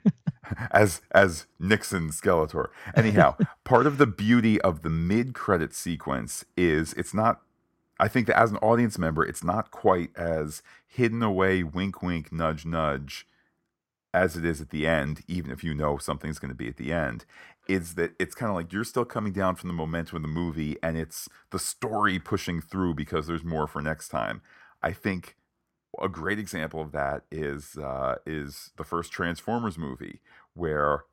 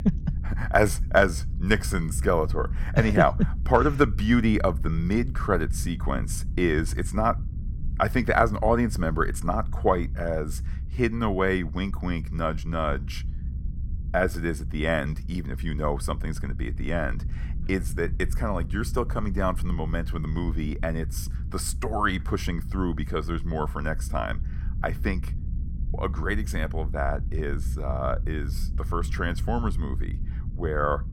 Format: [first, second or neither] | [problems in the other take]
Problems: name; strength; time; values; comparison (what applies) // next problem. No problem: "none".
first | low rumble; faint; throughout; 20 dB below the speech